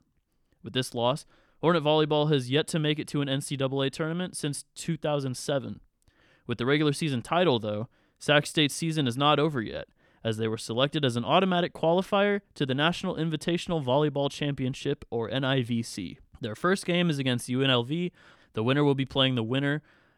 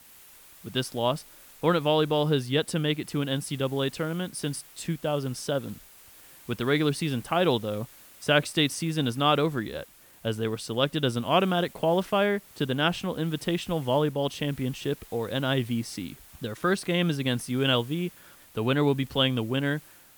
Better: first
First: none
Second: hiss; faint; throughout; 20 dB below the speech

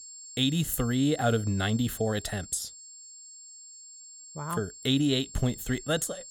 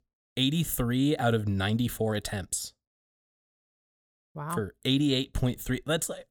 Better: second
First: high-pitched whine; noticeable; throughout; 7.5 kHz, 15 dB below the speech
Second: none

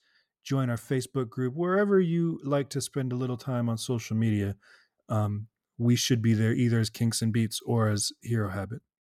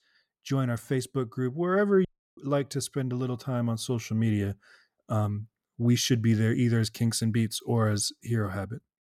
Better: first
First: none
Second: audio cutting out; at 2 s

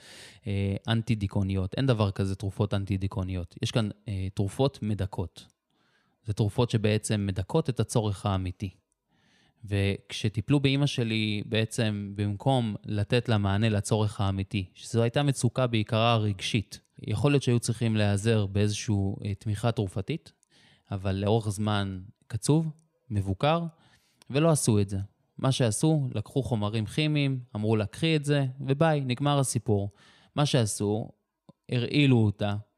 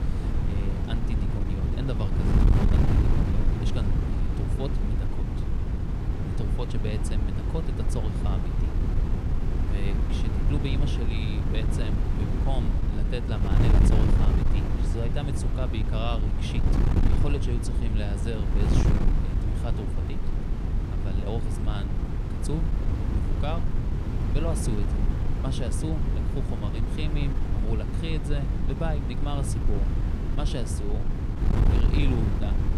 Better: first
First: none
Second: wind noise on the microphone; heavy; 1 dB above the speech

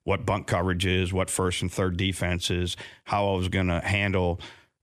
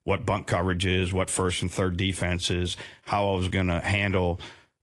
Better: first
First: none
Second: garbled, watery; slightly

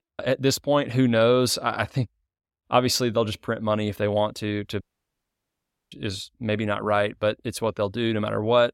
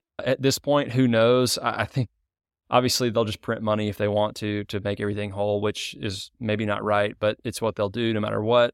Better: second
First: audio cutting out; at 5 s for 1 s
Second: none

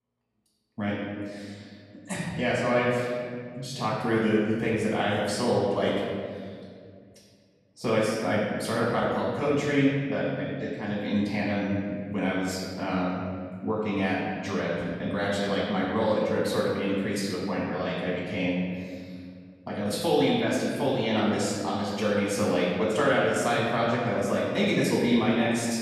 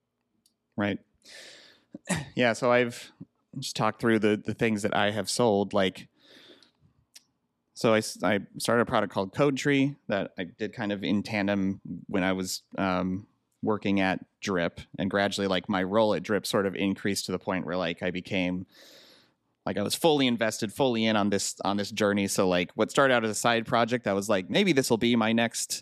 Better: second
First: off-mic speech; far // room echo; strong; dies away in 2 s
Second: none

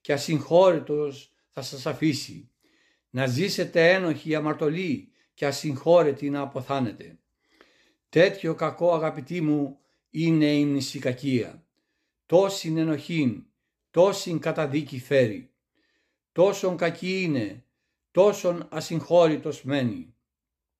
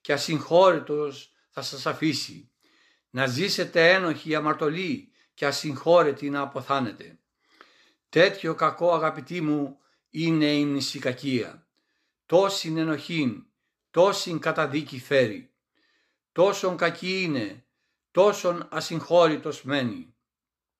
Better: first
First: none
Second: thin; very slightly; fading below 250 Hz

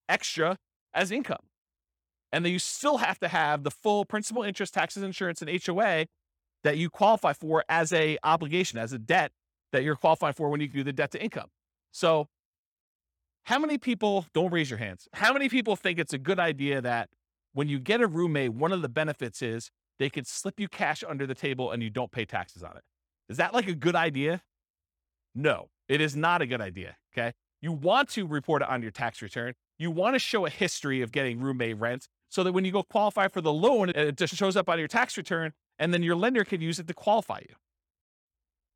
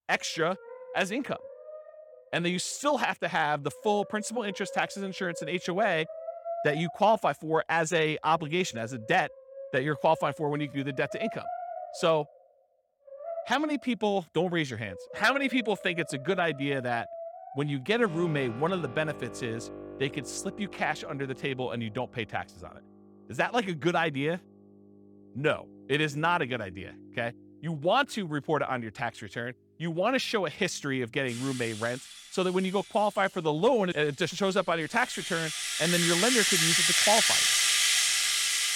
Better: first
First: none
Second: background music; very loud; throughout; 2 dB above the speech

